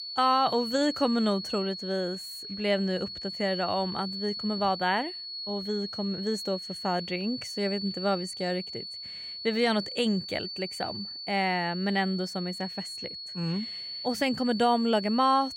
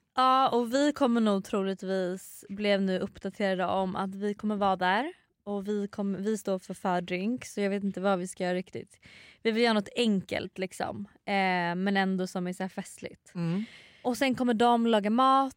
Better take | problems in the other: second | high-pitched whine; loud; throughout; 4.5 kHz, 7 dB below the speech

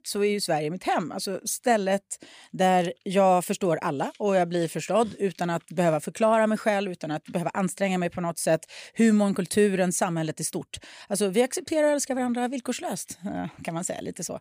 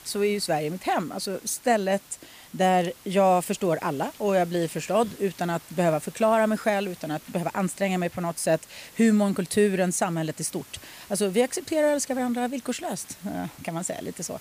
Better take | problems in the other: first | hiss; faint; throughout; 20 dB below the speech

